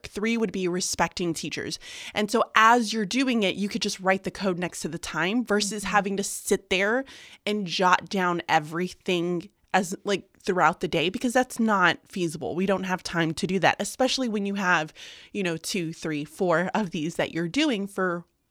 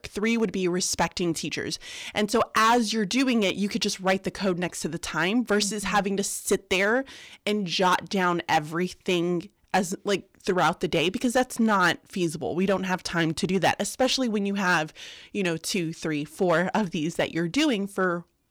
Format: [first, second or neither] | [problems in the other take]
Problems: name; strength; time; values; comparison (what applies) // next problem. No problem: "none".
first | distortion; slight; 3% of the sound clipped